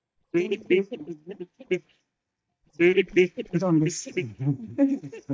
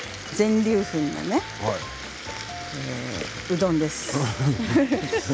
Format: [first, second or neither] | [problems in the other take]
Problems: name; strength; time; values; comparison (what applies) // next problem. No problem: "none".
second | noise reduction (neural mask model DeepFilterNet 3)